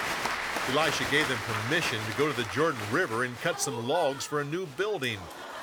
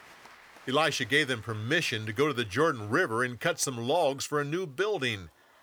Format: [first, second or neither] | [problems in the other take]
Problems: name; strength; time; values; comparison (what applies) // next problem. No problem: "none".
second | crowd noise; loud; throughout; 5 dB below the speech; faint in the second